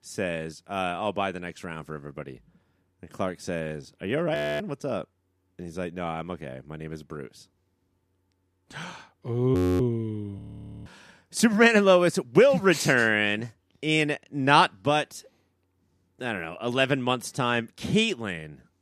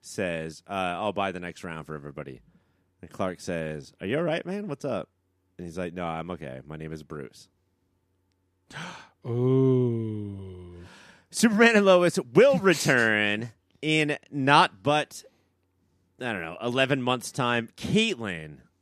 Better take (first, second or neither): second